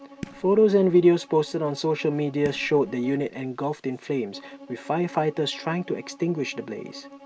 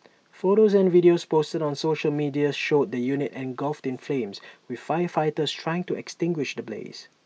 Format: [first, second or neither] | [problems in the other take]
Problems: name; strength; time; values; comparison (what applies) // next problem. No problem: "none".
second | background sound (Fireworks + Bowed string instrument); 20 dB below the speech